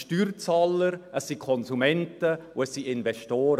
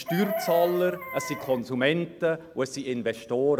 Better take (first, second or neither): first